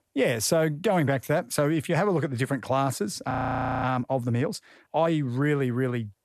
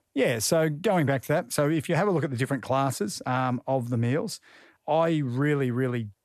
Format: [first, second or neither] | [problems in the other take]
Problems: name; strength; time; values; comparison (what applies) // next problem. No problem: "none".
second | audio freezing; at 3.5 s for 0.5 s